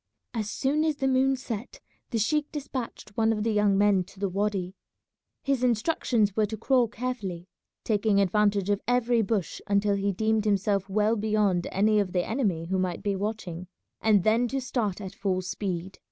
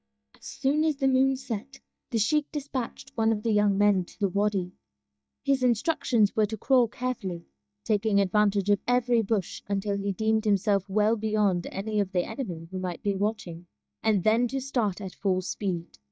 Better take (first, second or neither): first